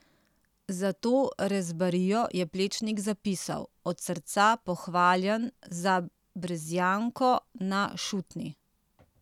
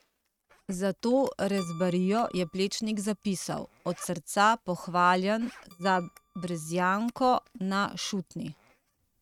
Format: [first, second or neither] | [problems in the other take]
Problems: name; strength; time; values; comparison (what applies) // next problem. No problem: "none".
first | noise reduction (neural mask model RNNoise)